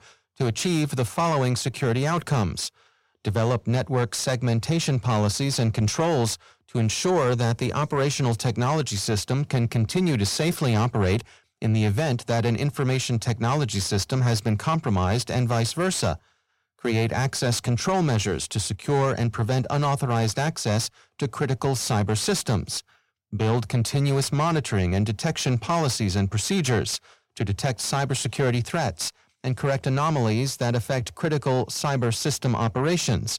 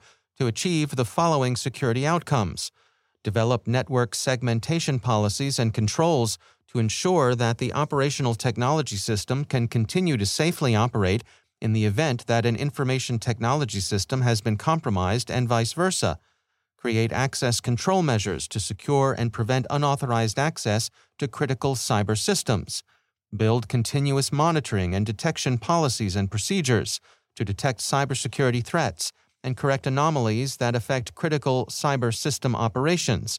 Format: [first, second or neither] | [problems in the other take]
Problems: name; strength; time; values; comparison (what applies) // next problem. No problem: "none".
second | distortion; slight; 10 dB below the speech